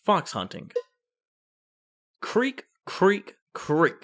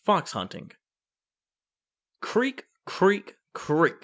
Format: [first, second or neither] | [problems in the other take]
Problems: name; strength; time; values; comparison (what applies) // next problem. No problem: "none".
second | noise reduction (classical method spectral subtraction)